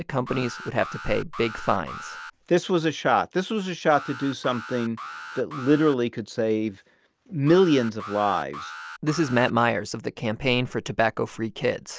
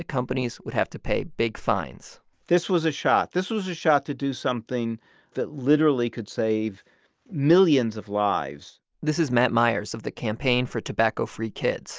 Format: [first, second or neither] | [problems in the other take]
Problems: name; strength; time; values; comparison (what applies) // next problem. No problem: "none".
second | background sound (Alarm); 15 dB below the speech